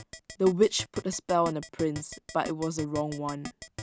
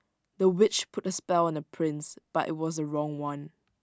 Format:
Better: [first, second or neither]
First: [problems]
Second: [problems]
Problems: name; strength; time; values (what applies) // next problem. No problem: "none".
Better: second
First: background sound (Keyboard (musical)); 14 dB below the speech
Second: none